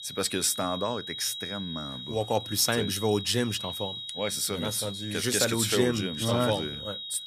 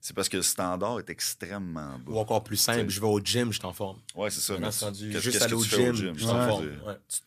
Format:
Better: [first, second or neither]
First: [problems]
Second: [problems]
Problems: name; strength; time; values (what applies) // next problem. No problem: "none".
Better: second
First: high-pitched whine; loud; throughout; 4 kHz, 8 dB below the speech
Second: none